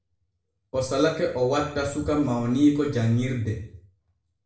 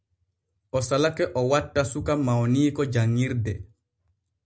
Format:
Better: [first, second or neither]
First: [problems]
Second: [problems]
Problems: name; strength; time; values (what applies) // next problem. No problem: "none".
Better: second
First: room echo; dies away in 0.5 s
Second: none